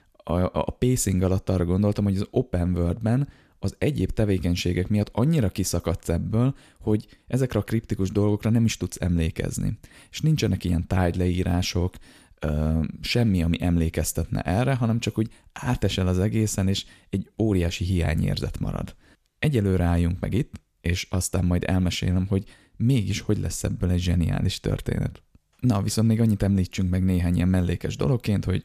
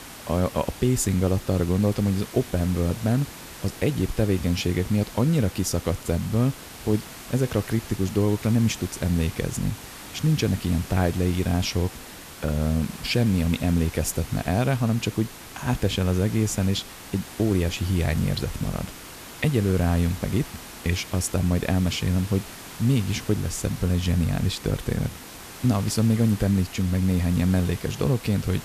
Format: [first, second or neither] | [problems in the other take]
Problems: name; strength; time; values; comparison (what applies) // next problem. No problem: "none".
first | hiss; noticeable; throughout; 15 dB below the speech